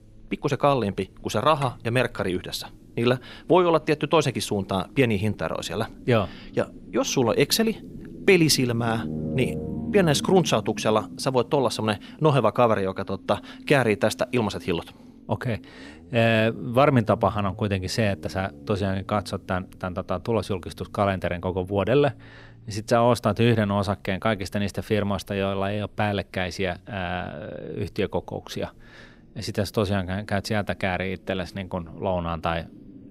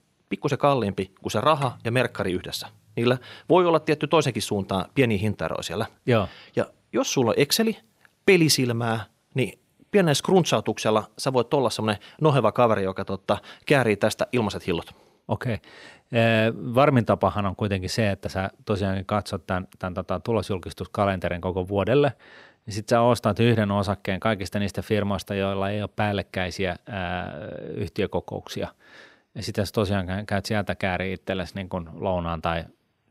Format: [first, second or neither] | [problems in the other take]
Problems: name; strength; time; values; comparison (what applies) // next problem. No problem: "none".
second | low rumble; faint; throughout; 20 dB below the speech